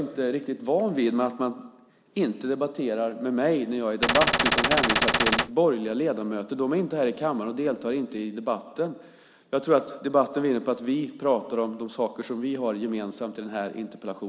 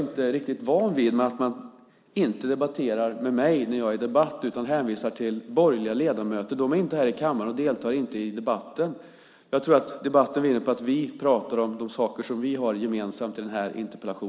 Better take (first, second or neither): second